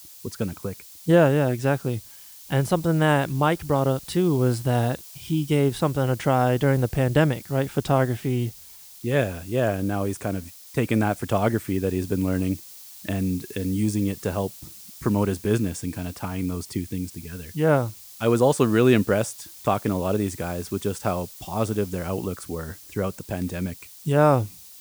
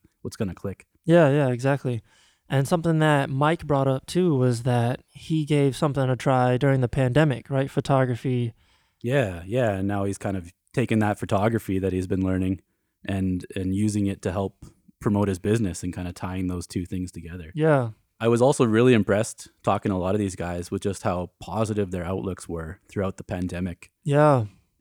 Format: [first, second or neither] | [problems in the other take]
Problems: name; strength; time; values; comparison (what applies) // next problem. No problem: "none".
second | hiss; noticeable; throughout; 15 dB below the speech